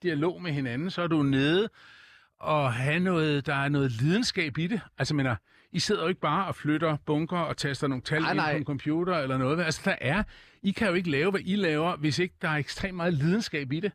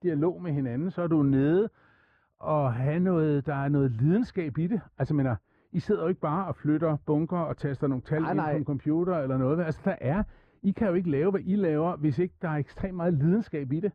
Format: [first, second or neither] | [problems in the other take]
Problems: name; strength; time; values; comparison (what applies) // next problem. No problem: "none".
first | muffled; very; fading above 2 kHz